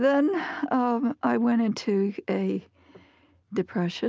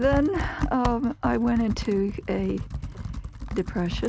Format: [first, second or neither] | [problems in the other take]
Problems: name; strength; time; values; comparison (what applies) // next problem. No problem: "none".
first | background sound (Computer keyboard); 6 dB below the speech